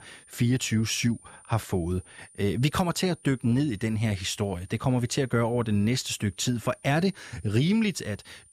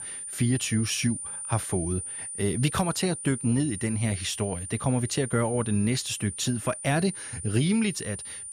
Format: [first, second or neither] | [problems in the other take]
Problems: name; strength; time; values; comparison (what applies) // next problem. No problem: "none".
first | high-pitched whine; loud; throughout; 9 kHz, 7 dB below the speech; faint in the first